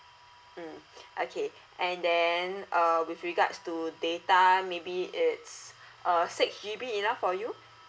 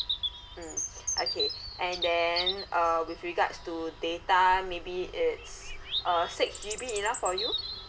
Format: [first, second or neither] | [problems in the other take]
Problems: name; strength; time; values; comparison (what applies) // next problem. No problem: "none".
first | background sound (Bird vocalization, bird call, bird song); 6 dB below the speech